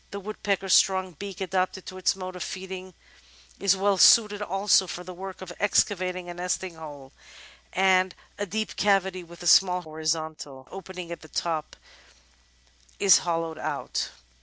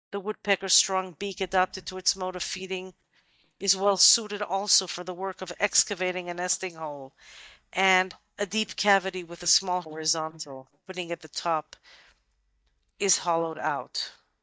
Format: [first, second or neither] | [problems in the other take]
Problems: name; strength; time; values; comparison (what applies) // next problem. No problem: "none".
first | noise reduction (neural mask model DeepFilterNet 3)